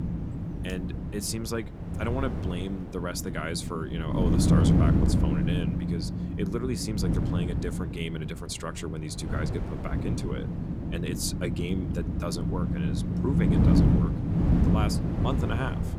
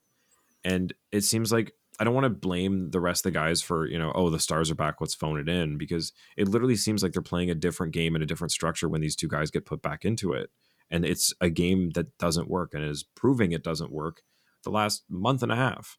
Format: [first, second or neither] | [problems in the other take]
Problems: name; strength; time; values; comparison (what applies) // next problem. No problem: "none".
second | wind noise on the microphone; heavy; as loud as the speech